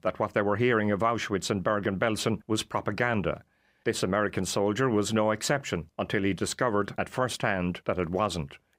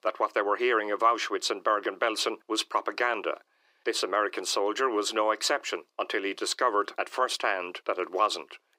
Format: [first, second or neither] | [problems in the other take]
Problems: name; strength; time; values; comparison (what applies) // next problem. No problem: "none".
first | thin; very; fading below 350 Hz